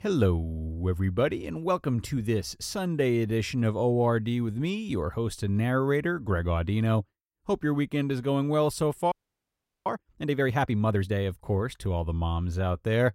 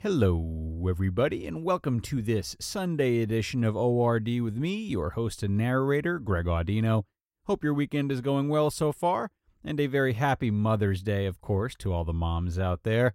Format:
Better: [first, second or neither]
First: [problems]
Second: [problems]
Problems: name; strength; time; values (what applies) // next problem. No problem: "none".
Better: second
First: audio freezing; at 9 s for 0.5 s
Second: none